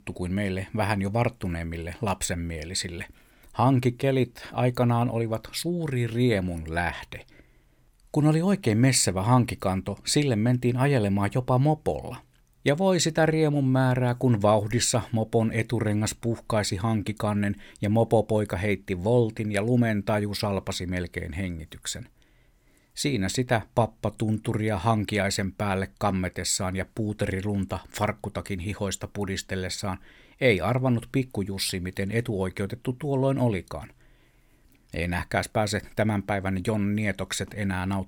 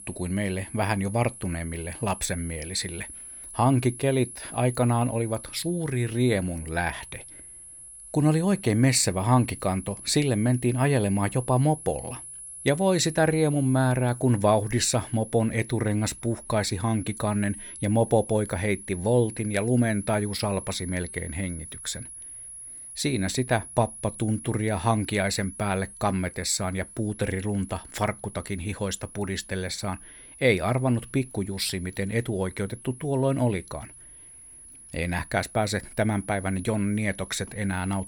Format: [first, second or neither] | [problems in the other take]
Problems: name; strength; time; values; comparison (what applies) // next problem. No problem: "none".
first | high-pitched whine; noticeable; throughout; 10.5 kHz, 15 dB below the speech